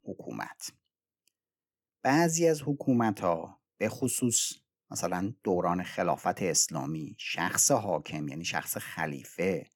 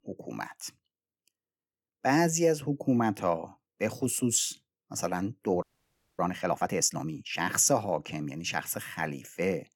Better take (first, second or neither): first